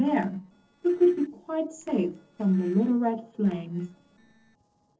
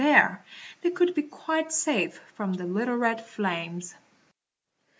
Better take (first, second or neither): second